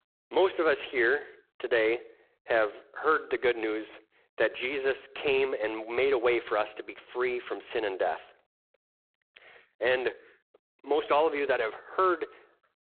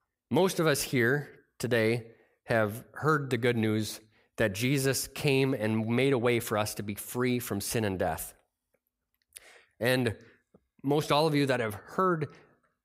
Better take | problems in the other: second | phone-call audio; poor line; nothing above 4 kHz

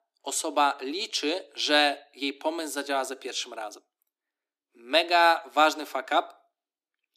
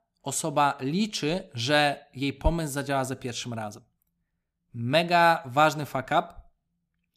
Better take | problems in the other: second | thin; very slightly; fading below 300 Hz

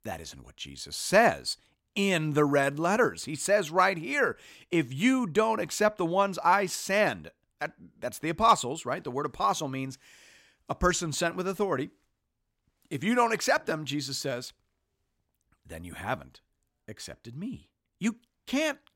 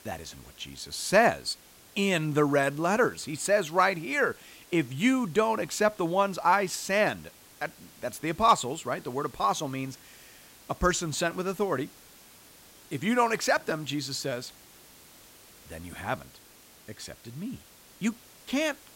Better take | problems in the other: first | hiss; faint; throughout; 25 dB below the speech

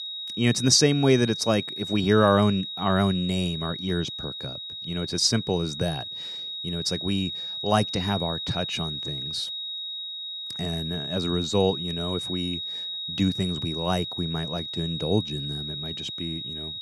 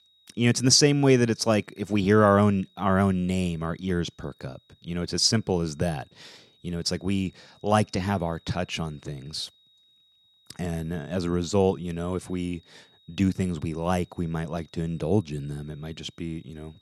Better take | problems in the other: second | high-pitched whine; loud; throughout; 4 kHz, 6 dB below the speech; faint in the second

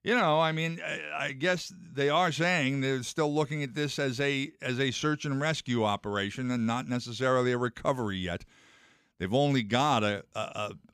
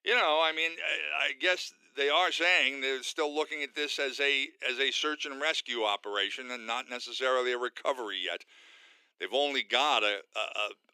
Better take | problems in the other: first | thin; very; fading below 350 Hz

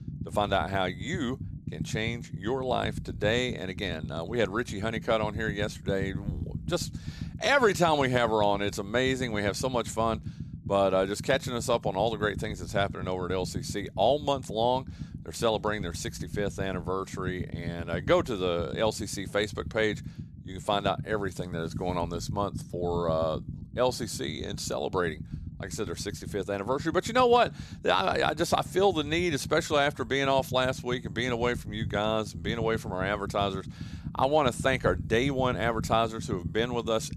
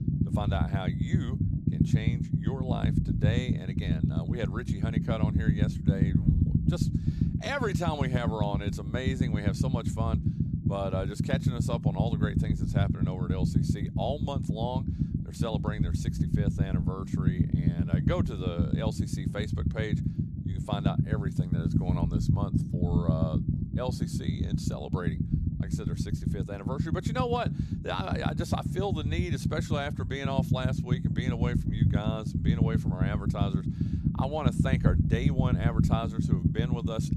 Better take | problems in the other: first | low rumble; loud; throughout; 2 dB below the speech; faint in the first

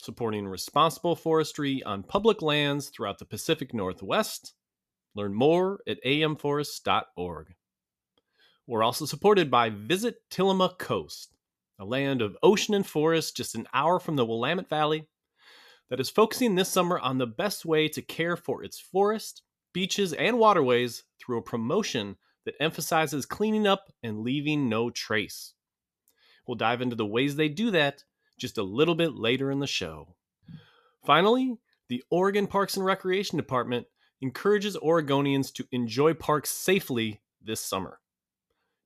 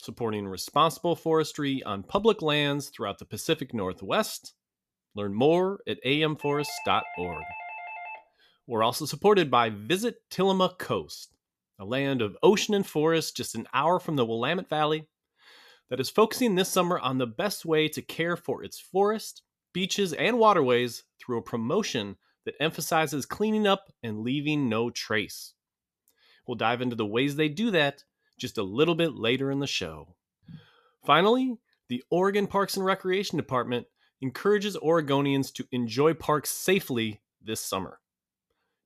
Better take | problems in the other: first | doorbell; faint; from 6.5 to 8 s; peak 10 dB below the speech

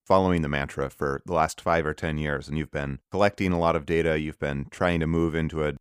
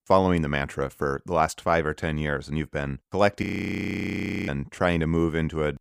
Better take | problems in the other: first | audio freezing; at 3.5 s for 1 s

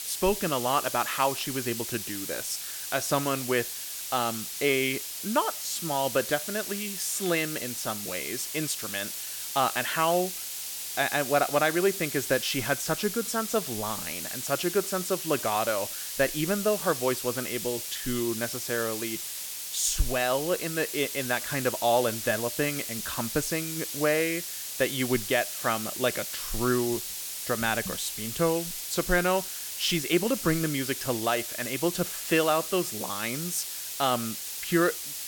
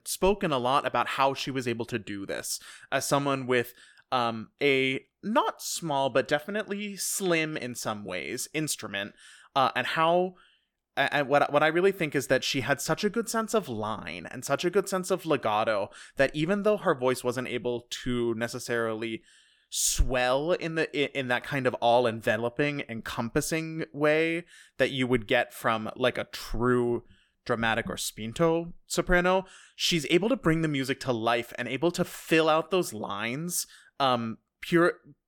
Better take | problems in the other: second | hiss; loud; throughout; 4 dB below the speech

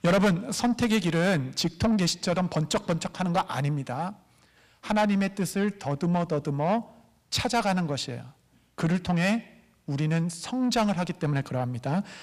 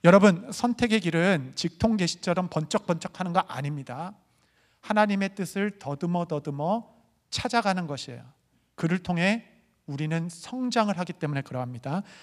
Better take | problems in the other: second | distortion; heavy; 6 dB below the speech

